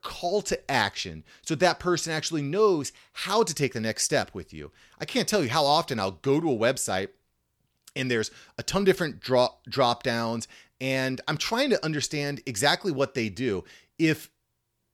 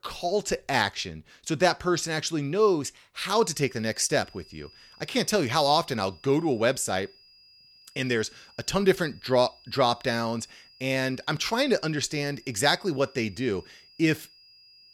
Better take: first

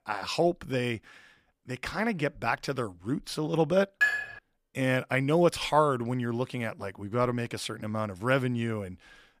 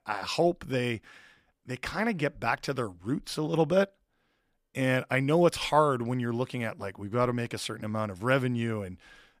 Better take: second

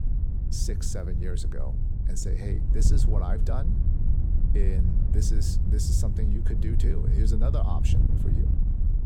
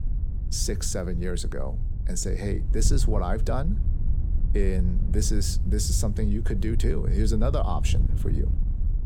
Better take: second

